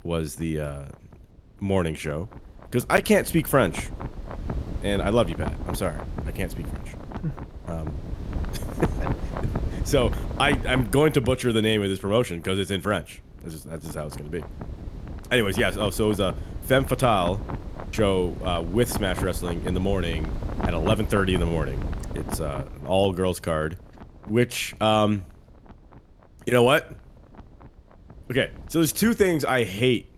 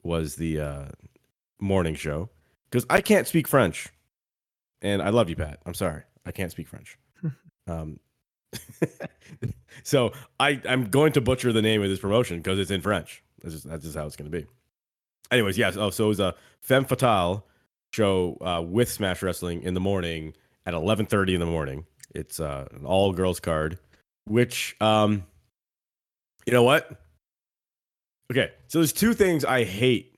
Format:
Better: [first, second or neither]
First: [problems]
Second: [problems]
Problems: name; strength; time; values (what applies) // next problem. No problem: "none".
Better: second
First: wind noise on the microphone; occasional gusts; 15 dB below the speech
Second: none